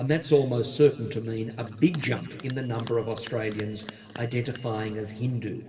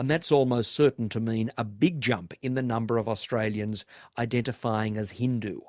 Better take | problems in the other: second | background sound (Bell); 20 dB below the speech // room echo; dies away in 2.7 s

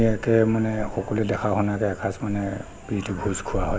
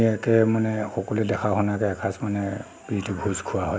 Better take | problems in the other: second | background sound (Subway, metro, underground); 10 dB below the speech

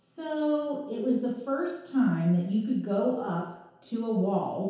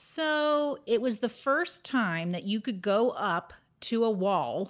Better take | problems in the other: second | room echo; dies away in 0.8 s

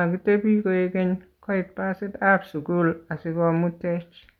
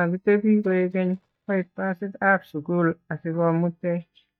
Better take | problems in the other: first | noise reduction (neural mask model DeepFilterNet 3)

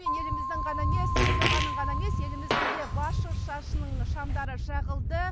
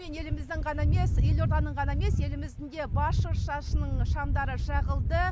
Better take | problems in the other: second | background sound (Fart + Keyboard (musical)); 2 dB below the speech

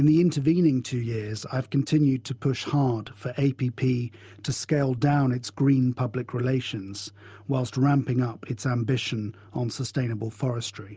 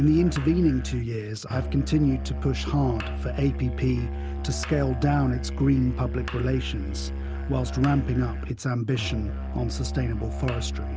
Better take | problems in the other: first | background sound (Musical instrument); 5 dB below the speech

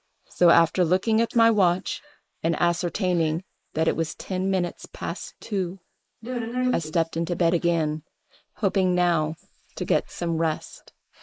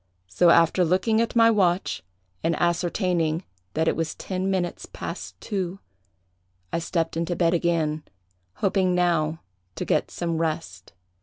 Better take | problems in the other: second | noise reduction (neural mask model Resemble Enhance denoiser)

